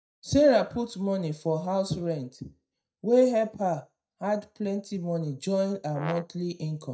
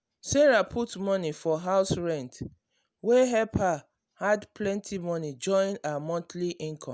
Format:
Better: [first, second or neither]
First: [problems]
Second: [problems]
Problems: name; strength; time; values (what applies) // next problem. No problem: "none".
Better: second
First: noise reduction (neural mask model DeepFilterNet 3)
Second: none